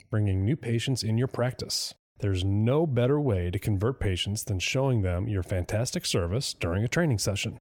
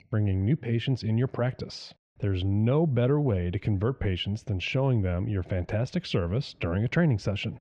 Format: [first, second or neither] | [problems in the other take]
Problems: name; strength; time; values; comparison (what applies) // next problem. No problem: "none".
first | muffled; slightly; fading above 3.5 kHz